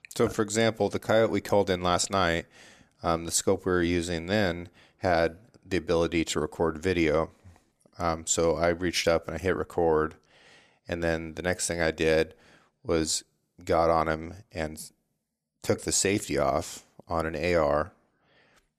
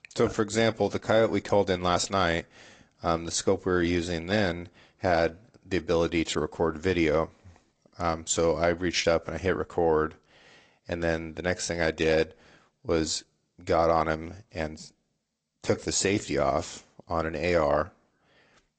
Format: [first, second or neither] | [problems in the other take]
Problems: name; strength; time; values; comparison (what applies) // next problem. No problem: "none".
first | garbled, watery; slightly; nothing above 8 kHz